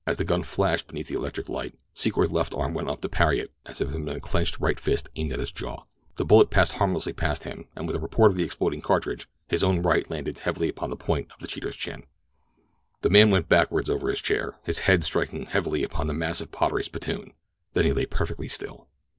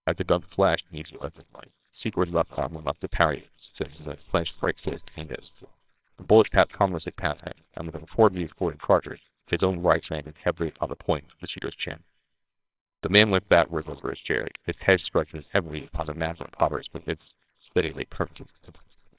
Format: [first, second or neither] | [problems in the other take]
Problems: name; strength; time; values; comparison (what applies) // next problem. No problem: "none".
first | noise reduction (neural separator model SepFormer WHAMR!)